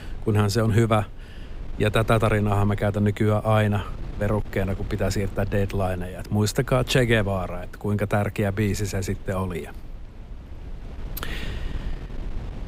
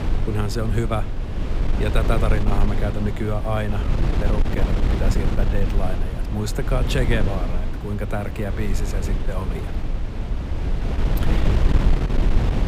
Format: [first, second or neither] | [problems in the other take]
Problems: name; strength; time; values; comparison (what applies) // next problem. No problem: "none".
first | wind noise on the microphone; heavy; 3 dB below the speech; occasional gusts in the first